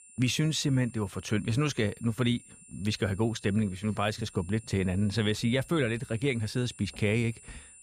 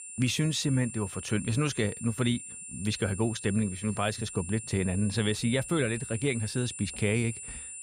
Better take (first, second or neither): first